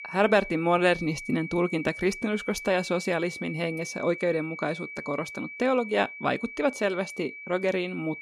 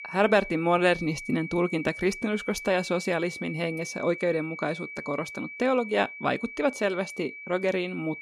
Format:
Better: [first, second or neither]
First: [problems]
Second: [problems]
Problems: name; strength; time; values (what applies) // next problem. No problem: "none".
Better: neither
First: high-pitched whine; noticeable; throughout; 2.5 kHz, 10 dB below the speech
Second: high-pitched whine; noticeable; throughout; 2.5 kHz, 10 dB below the speech